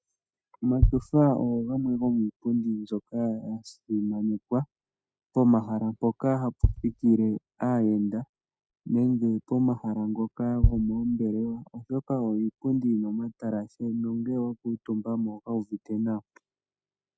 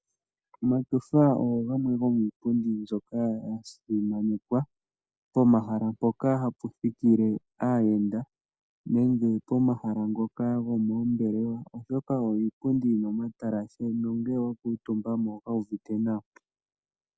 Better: second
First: noise reduction (neural mask model RNNoise)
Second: none

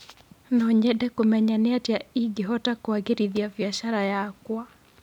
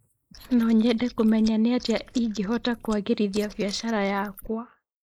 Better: first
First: none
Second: noise reduction (neural mask model Resemble Enhance denoiser)

